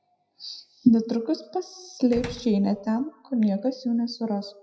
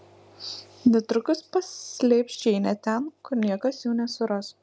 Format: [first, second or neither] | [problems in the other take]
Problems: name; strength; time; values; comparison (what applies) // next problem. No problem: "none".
second | noise reduction (classical method WPE with log-MMSE)